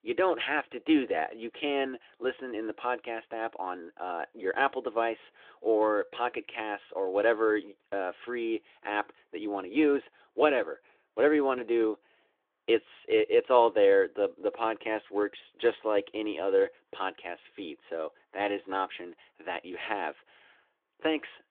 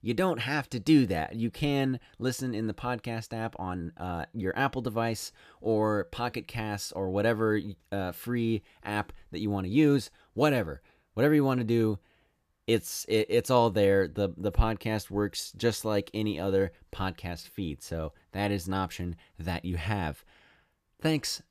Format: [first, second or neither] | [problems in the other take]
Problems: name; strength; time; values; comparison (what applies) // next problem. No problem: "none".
second | phone-call audio